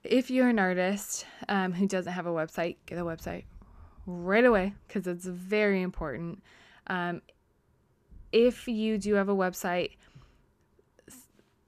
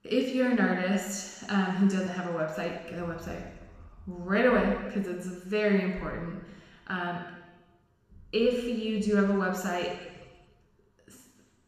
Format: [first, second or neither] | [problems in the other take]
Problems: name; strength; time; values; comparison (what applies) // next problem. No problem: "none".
first | room echo; noticeable; dies away in 1.1 s // off-mic speech; somewhat distant